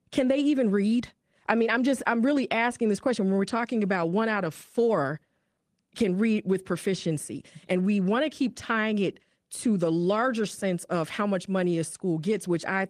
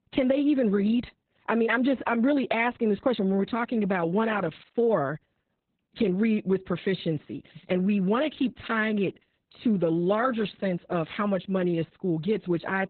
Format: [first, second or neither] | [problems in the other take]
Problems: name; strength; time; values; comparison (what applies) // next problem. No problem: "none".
first | garbled, watery; badly; nothing above 4 kHz; slightly in the first